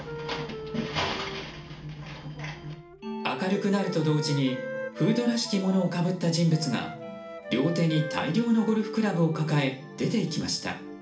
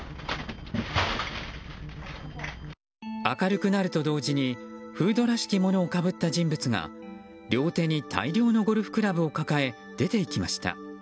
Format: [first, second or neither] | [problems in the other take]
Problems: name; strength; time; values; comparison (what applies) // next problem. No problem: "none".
second | background sound (Wind instrument, woodwind instrument); 12 dB below the speech // room echo; dies away in 0.4 s